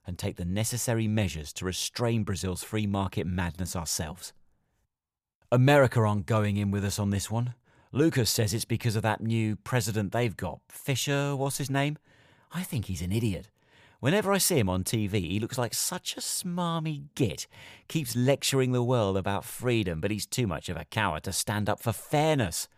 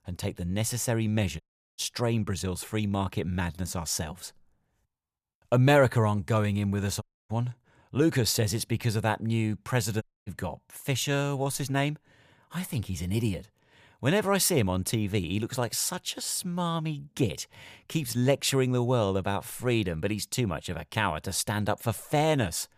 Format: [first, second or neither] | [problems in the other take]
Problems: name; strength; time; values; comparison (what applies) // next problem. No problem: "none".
first | audio cutting out; at 1.5 s, at 7 s and at 10 s